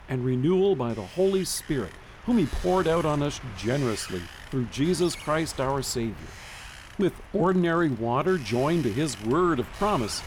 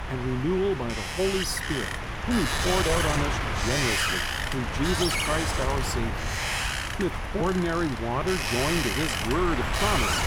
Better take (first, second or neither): first